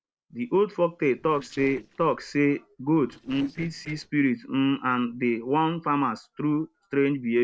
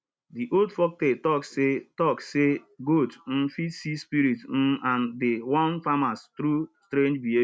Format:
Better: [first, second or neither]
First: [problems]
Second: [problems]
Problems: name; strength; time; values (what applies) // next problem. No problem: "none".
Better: second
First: noise reduction (neural separator model SepFormer DNS4)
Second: none